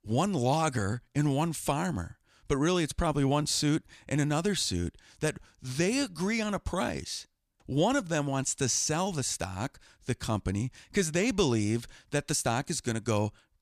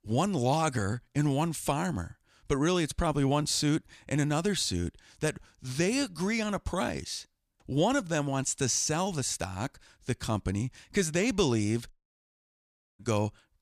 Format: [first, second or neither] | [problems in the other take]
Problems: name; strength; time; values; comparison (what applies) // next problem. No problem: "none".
first | audio cutting out; at 12 s for 1 s